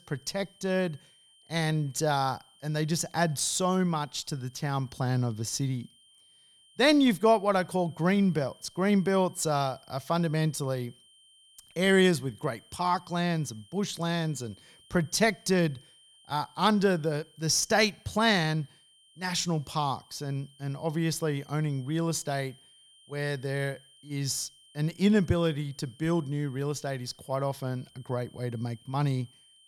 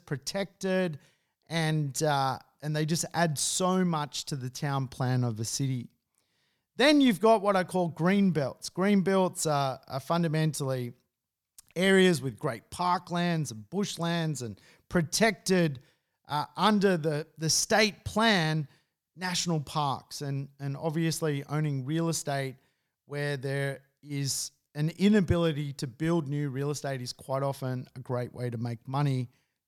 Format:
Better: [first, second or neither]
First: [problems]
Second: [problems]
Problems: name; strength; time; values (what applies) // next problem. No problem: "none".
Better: second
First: high-pitched whine; faint; throughout; 3 kHz, 30 dB below the speech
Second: none